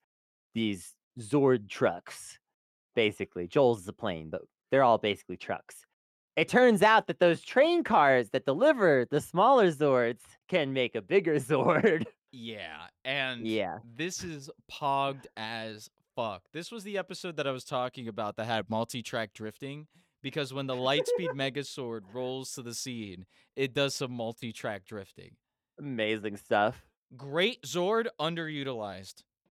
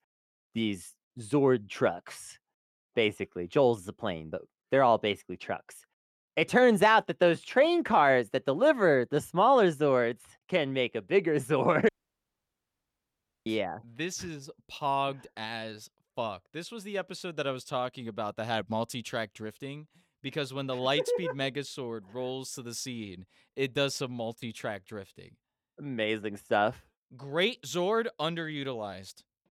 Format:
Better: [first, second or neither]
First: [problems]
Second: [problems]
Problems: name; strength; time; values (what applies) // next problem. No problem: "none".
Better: first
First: none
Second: audio cutting out; at 12 s for 1.5 s